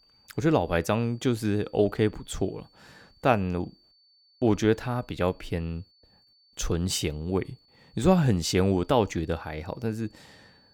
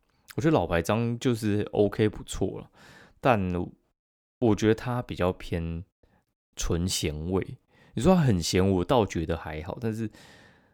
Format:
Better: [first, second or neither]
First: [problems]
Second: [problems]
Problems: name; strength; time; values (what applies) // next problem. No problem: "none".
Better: second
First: high-pitched whine; faint; throughout; 4.5 kHz, 35 dB below the speech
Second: none